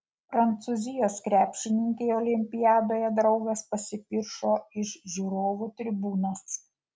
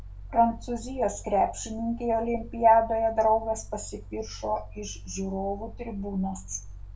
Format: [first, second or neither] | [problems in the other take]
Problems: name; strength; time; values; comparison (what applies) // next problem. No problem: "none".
first | background sound (Mechanical fan); 14 dB below the speech // room echo; dies away in 0.2 s